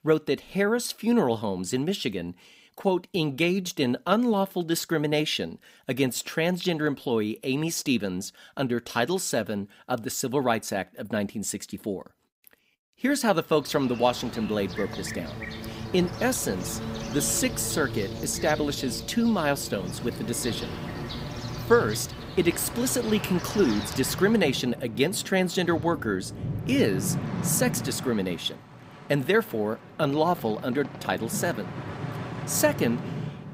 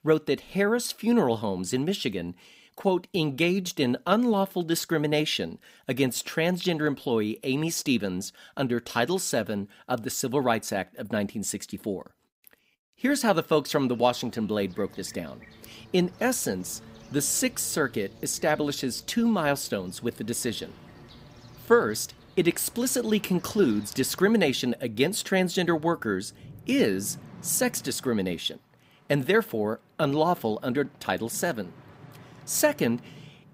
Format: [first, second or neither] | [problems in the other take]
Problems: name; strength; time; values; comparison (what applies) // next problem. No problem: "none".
second | train or aircraft noise; loud; from 14 s on; 9 dB below the speech; faint in the second